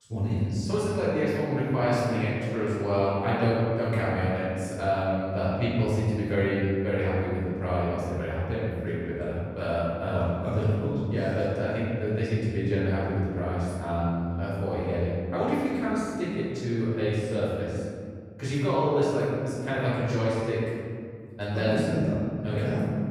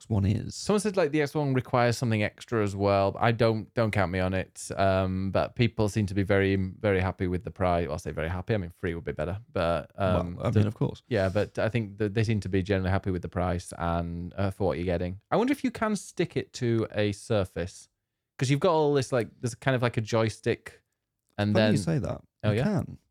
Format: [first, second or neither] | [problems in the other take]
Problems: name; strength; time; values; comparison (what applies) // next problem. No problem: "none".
second | off-mic speech; far // room echo; strong; dies away in 2.2 s